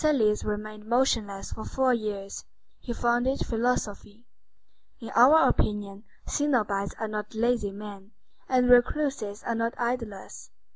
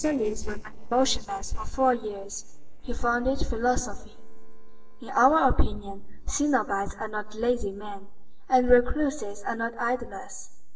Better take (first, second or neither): first